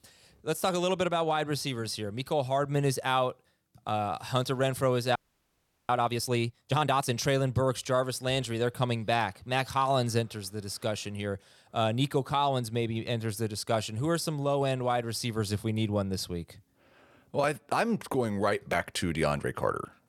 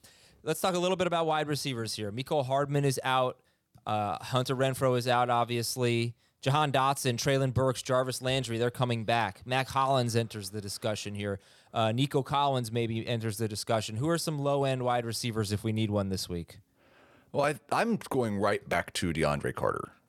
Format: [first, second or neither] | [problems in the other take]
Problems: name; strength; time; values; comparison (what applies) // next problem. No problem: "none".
second | audio freezing; at 5 s for 0.5 s